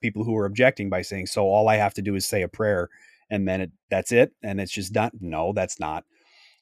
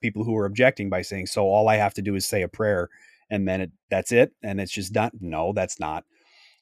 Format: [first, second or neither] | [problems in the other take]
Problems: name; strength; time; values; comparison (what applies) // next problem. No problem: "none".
neither | none